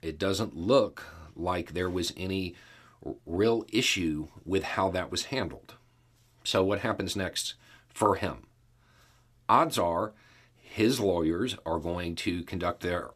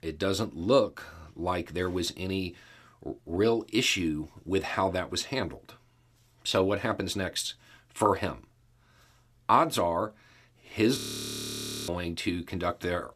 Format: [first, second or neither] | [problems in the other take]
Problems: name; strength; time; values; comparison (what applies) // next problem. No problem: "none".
first | audio freezing; at 11 s for 1 s